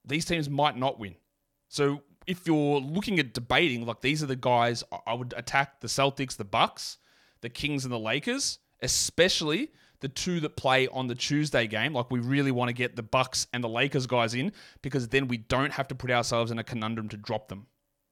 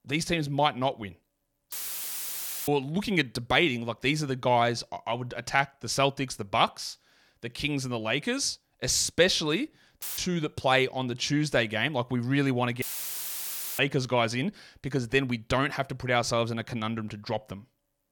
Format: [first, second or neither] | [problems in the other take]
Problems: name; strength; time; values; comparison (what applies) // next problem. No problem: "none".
first | audio cutting out; filled with static; at 1.5 s for 1 s, at 10 s and at 13 s for 1 s